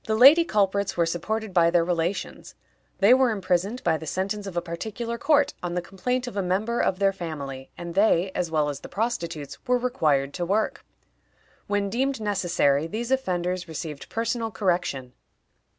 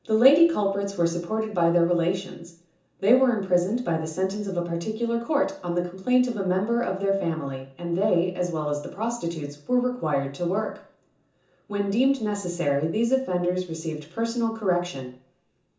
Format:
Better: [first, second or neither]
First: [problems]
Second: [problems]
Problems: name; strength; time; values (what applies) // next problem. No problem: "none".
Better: first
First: none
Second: room echo; dies away in 0.6 s